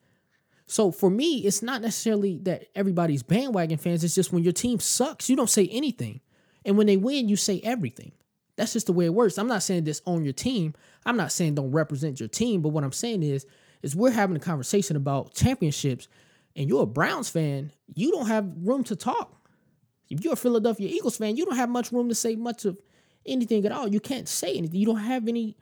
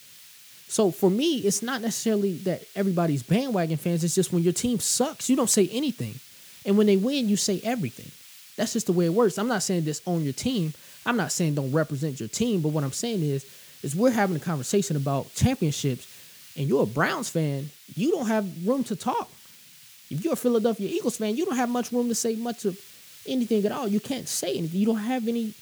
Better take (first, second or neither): first